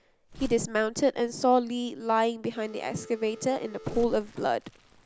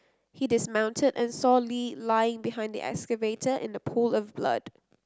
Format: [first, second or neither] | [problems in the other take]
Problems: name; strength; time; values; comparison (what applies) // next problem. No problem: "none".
second | background sound (Crumpling, crinkling + Telephone); 16 dB below the speech